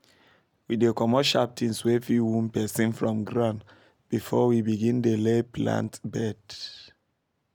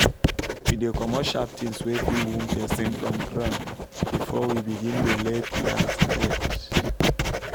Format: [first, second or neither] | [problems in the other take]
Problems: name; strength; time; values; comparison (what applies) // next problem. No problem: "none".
first | background sound (Writing); 3 dB above the speech